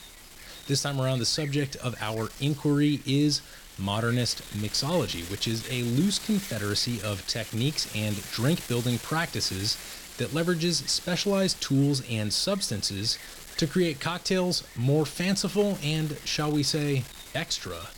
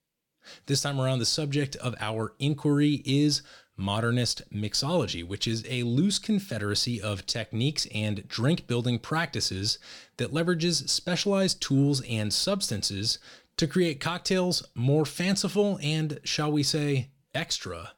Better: second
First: wind noise on the microphone; occasional gusts; 15 dB below the speech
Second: none

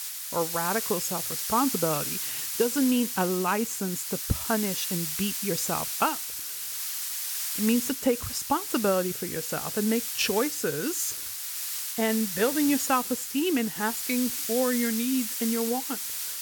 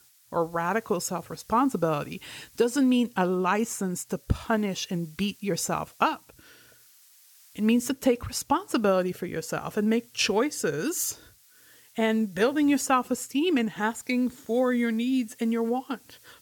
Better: second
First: hiss; loud; throughout; 2 dB below the speech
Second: hiss; faint; throughout; 25 dB below the speech

